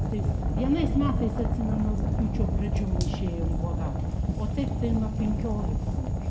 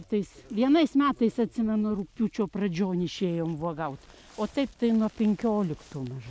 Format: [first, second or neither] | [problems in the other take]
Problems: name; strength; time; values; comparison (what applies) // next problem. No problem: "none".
second | background sound (Fire); 4 dB above the speech // room echo; dies away in 0.9 s